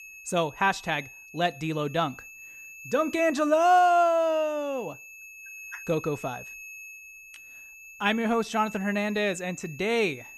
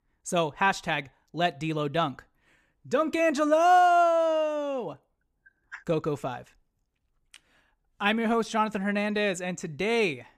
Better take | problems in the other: second | high-pitched whine; noticeable; throughout; 2.5 kHz, 15 dB below the speech

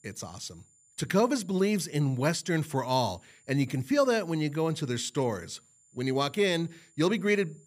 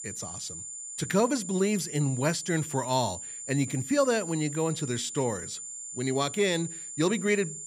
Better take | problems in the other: first | high-pitched whine; loud; throughout; 7 kHz, 8 dB below the speech; faint in the first

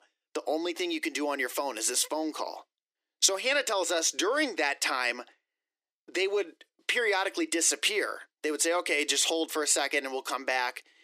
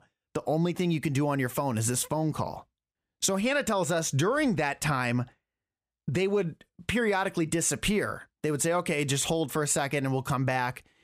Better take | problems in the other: second | thin; very; fading below 300 Hz

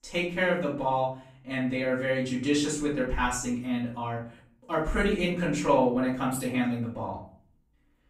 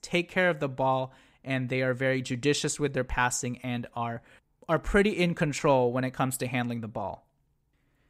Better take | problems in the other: second | room echo; noticeable; dies away in 0.4 s // off-mic speech; far

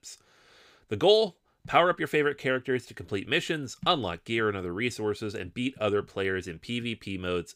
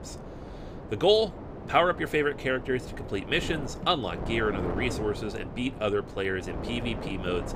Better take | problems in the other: first | wind noise on the microphone; occasional gusts; 10 dB below the speech

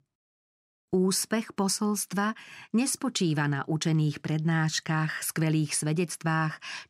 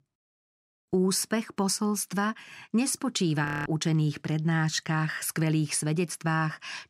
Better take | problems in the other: first | audio freezing; at 3.5 s

